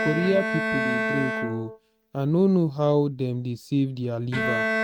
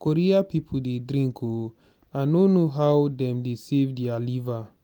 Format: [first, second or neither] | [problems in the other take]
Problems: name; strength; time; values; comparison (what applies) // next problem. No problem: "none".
second | noise reduction (neural mask model RNNoise)